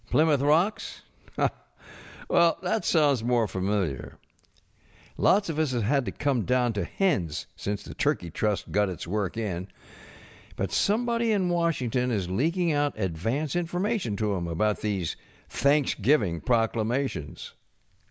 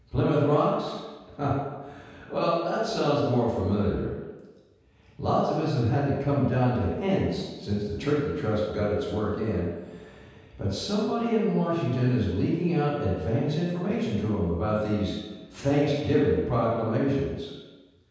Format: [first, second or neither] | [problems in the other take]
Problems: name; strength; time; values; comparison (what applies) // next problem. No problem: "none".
first | room echo; dies away in 1.2 s